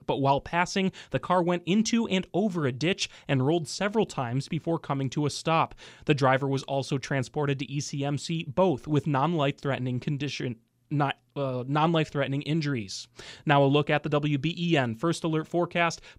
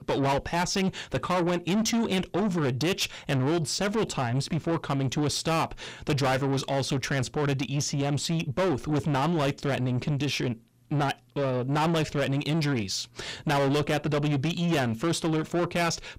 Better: first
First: none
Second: distortion; heavy; 6 dB below the speech

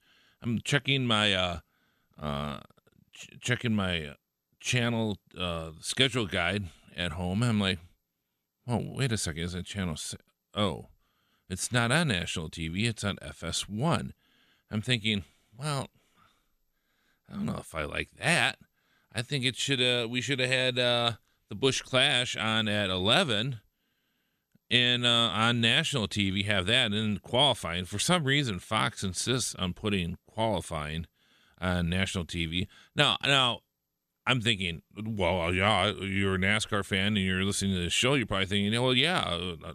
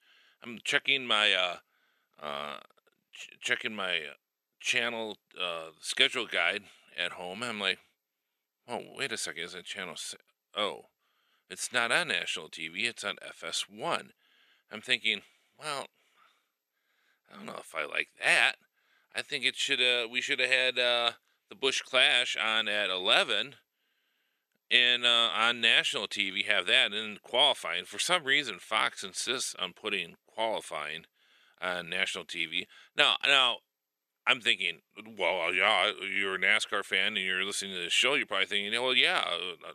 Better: first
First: none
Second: thin; very; fading below 450 Hz

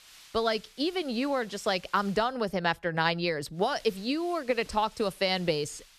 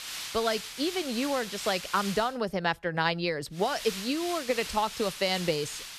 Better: first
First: hiss; faint; until 2.5 s and from 3.5 s on; 25 dB below the speech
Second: hiss; loud; until 2.5 s and from 3.5 s on; 8 dB below the speech

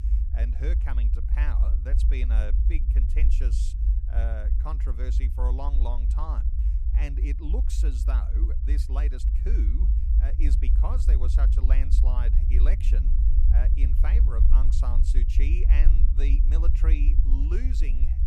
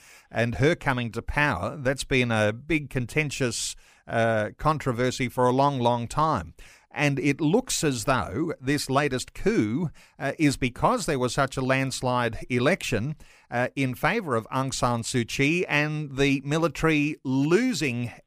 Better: second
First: low rumble; loud; throughout; 4 dB below the speech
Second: none

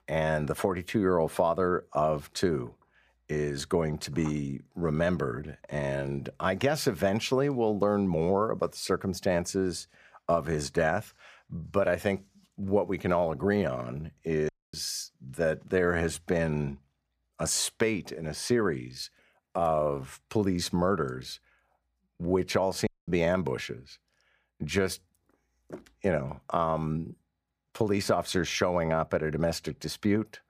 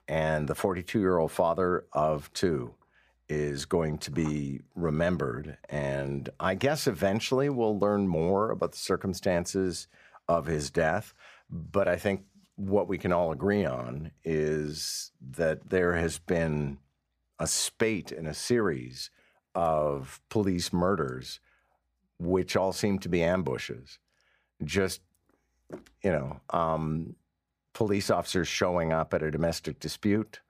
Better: second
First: audio cutting out; at 14 s and at 23 s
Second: none

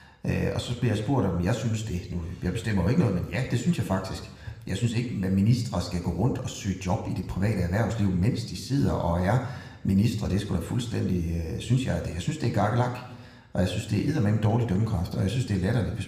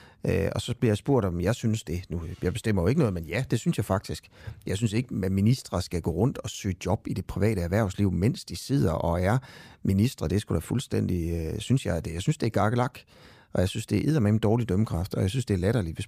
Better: second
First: room echo; slight; dies away in 0.9 s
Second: none

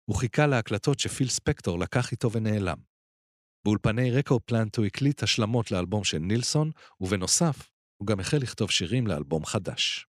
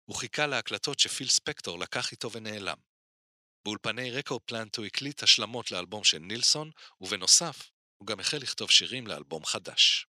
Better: first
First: none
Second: thin; somewhat; fading below 950 Hz

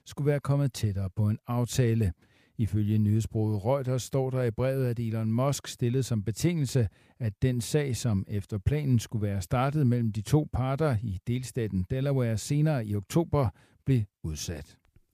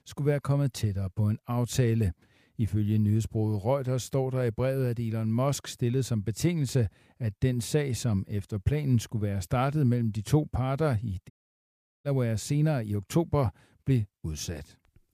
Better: first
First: none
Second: audio cutting out; at 11 s for 0.5 s

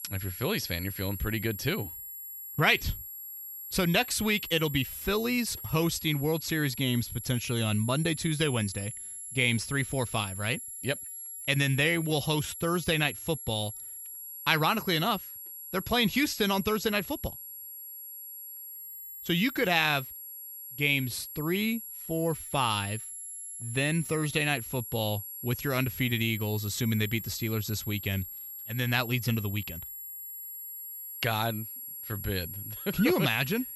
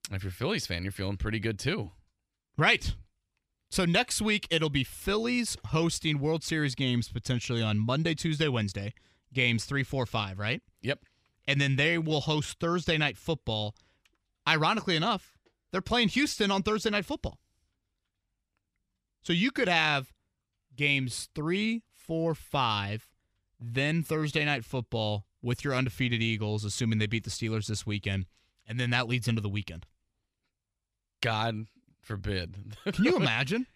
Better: second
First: high-pitched whine; loud; throughout; 11.5 kHz, 9 dB below the speech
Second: none

